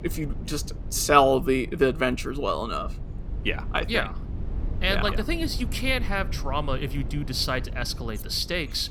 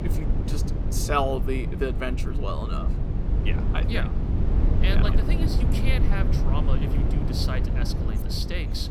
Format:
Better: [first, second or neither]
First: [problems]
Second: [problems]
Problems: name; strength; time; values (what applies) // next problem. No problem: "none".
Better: first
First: low rumble; faint; throughout; 20 dB below the speech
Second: low rumble; loud; throughout; 5 dB below the speech